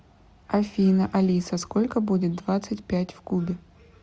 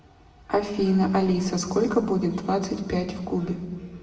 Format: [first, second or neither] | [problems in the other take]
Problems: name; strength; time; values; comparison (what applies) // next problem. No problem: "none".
first | room echo; dies away in 1.7 s